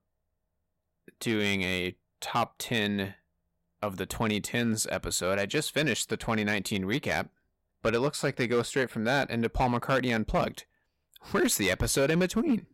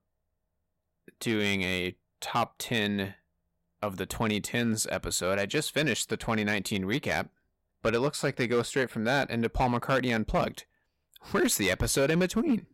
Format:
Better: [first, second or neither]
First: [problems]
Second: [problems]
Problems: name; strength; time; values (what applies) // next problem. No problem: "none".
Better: neither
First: distortion; slight; 4% of the sound clipped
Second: distortion; slight; 4% of the sound clipped